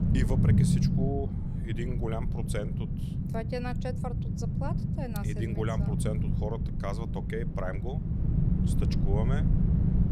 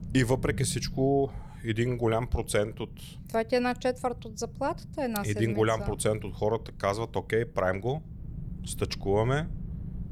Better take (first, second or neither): second